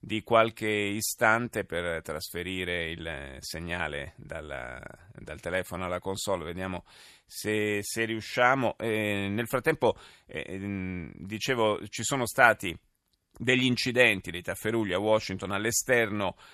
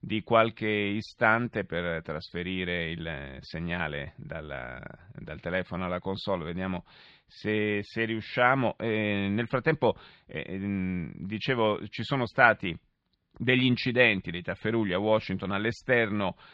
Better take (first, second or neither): first